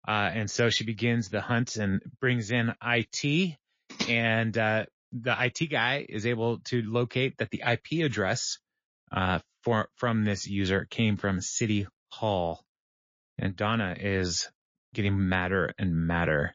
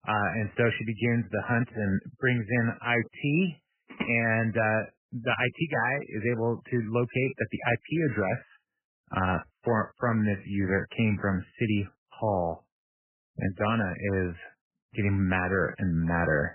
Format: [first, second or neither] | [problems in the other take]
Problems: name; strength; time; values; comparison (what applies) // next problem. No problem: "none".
first | garbled, watery; badly; nothing above 3 kHz; slightly in the first